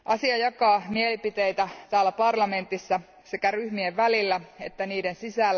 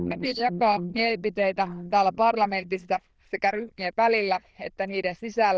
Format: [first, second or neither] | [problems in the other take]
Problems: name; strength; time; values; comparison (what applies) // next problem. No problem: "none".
first | noise reduction (neural diffusion model UNIVERSE++)